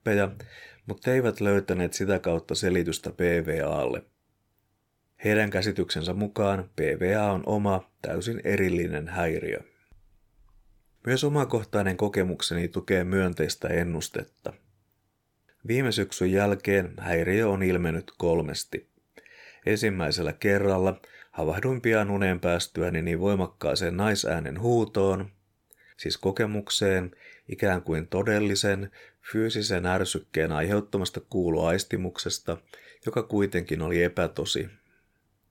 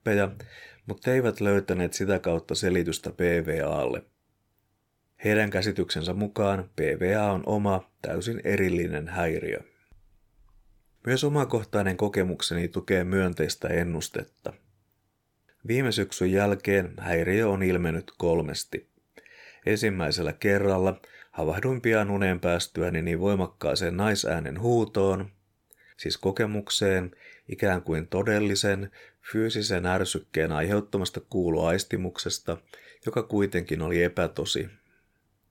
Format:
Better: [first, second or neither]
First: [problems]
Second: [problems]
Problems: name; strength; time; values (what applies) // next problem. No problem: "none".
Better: neither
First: none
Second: none